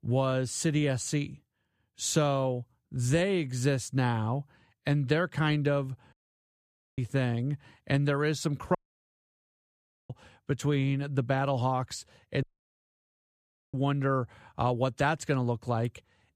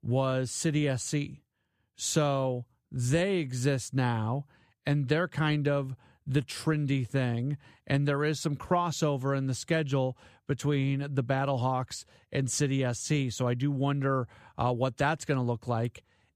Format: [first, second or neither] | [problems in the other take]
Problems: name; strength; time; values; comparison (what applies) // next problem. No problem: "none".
second | audio cutting out; at 6 s for 1 s, at 9 s for 1.5 s and at 12 s for 1.5 s